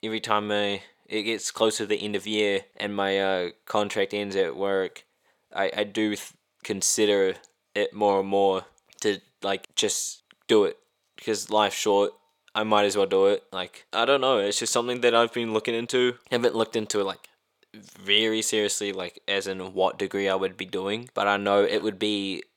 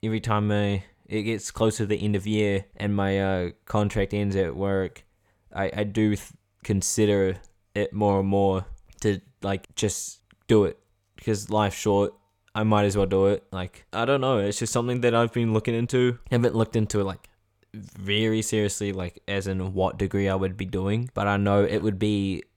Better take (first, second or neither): second